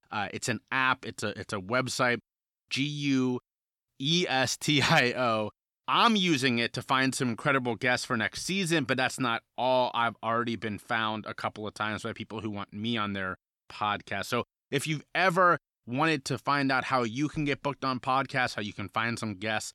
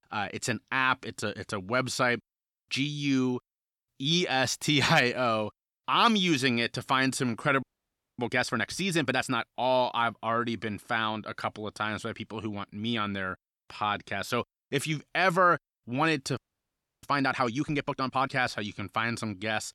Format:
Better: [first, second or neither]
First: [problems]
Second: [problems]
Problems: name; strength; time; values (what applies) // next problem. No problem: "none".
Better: first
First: none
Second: audio freezing; at 7.5 s for 0.5 s and at 16 s for 0.5 s